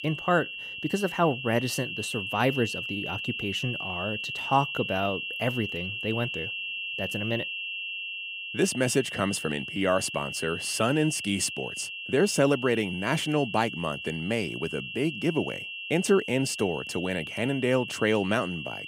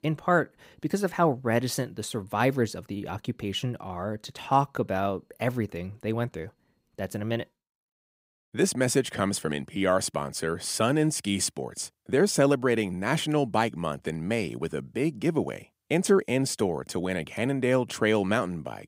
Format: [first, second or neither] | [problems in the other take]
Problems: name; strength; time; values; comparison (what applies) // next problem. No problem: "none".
second | high-pitched whine; loud; throughout; 2.5 kHz, 5 dB below the speech